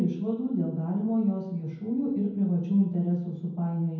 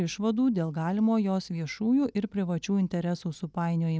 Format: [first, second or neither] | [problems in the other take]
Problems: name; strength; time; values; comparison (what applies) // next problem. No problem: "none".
second | room echo; dies away in 0.9 s